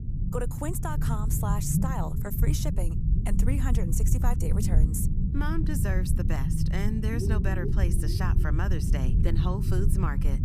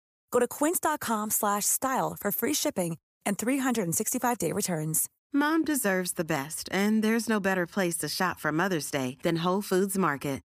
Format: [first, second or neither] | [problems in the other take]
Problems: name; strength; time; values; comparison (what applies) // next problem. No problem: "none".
second | low rumble; loud; throughout; 4 dB below the speech